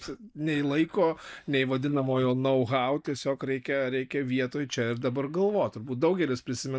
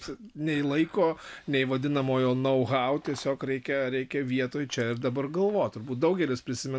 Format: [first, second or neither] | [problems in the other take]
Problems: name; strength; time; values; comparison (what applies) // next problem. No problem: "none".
second | noise reduction (neural mask model DeepFilterNet 3)